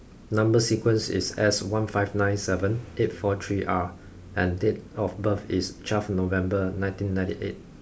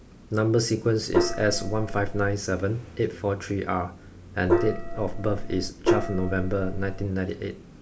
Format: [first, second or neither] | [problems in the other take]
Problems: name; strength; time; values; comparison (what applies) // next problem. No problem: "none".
first | background sound (Gong); as loud as the speech